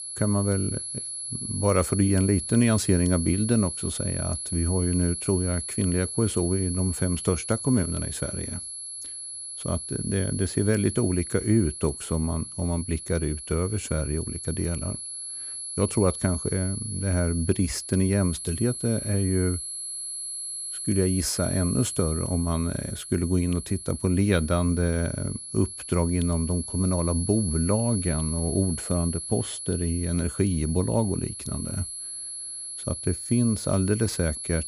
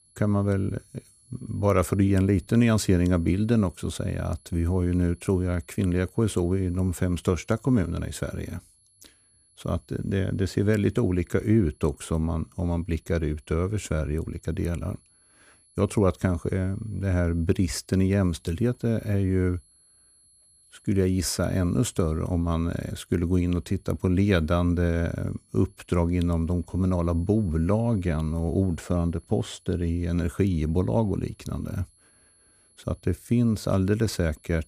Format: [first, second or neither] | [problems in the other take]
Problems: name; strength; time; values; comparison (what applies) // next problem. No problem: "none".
second | high-pitched whine; loud; throughout; 11 kHz, 6 dB below the speech; faint in the second